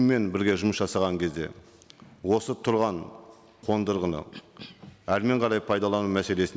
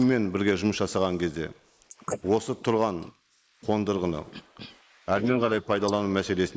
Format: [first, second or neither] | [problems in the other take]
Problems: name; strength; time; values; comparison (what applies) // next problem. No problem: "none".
first | noise reduction (neural mask model Resemble Enhance denoiser)